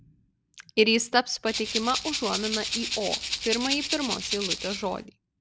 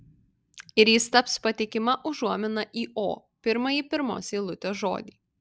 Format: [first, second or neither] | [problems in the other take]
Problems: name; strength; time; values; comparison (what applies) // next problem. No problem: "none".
second | background sound (Rattle (instrument)); 3 dB below the speech